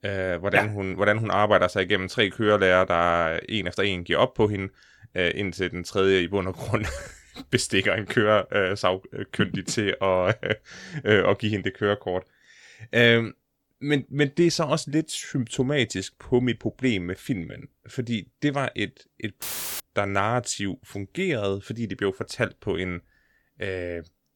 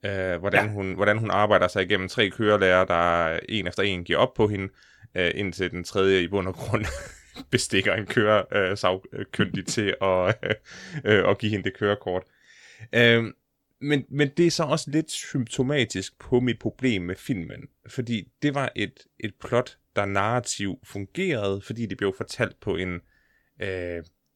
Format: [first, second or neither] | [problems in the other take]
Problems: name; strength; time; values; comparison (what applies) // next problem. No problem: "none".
second | audio cutting out; filled with static; at 19 s